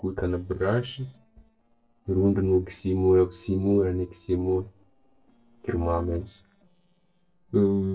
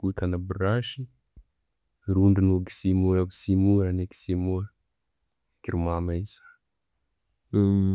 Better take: second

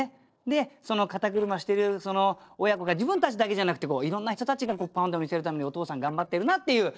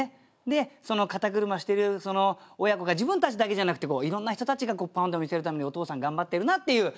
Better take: second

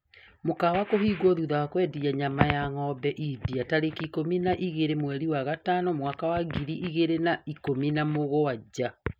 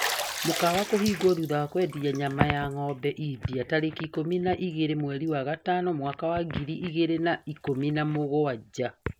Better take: first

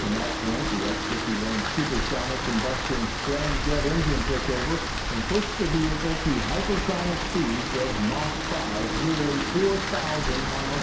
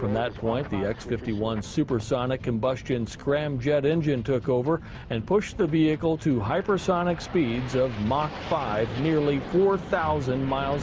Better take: second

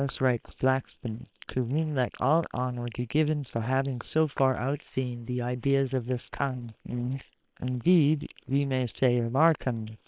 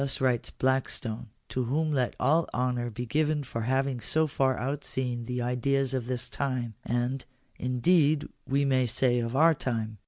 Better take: second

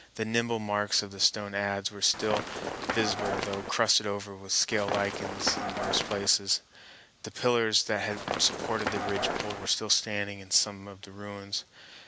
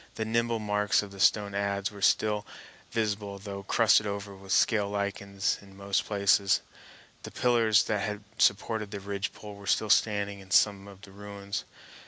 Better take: second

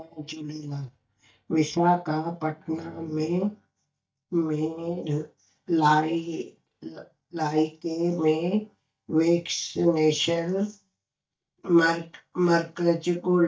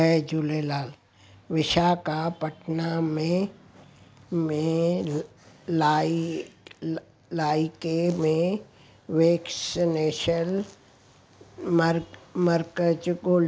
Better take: second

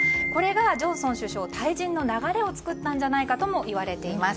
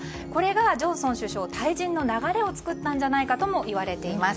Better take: second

